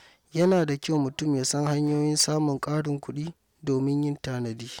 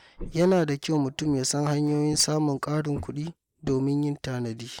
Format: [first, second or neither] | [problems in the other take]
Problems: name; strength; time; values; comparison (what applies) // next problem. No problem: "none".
first | noise reduction (neural mask model Resemble Enhance denoiser)